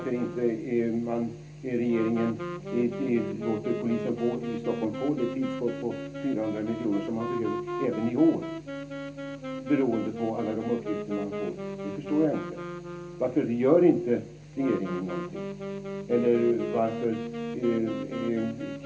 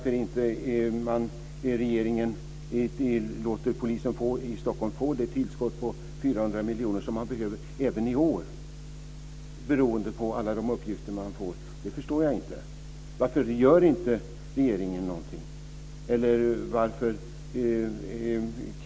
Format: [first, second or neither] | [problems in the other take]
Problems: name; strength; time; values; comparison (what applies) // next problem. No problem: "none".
second | background sound (Wind instrument, woodwind instrument); 8 dB below the speech // room echo; dies away in 0.3 s